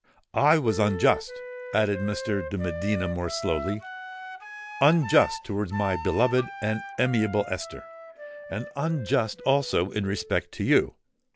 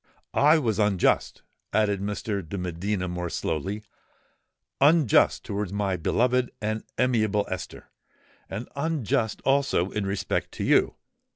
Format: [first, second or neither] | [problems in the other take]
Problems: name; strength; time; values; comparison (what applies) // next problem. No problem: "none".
second | background sound (Wind instrument, woodwind instrument); 12 dB below the speech